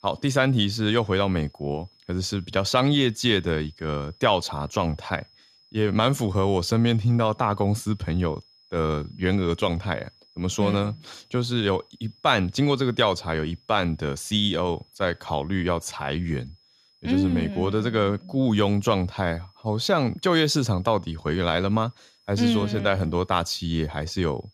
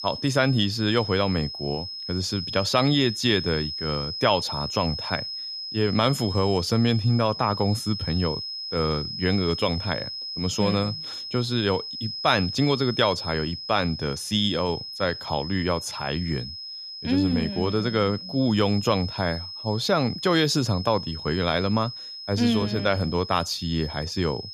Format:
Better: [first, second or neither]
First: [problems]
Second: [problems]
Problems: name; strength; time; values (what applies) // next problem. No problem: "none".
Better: first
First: high-pitched whine; faint; throughout; 5 kHz, 30 dB below the speech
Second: high-pitched whine; loud; throughout; 5 kHz, 7 dB below the speech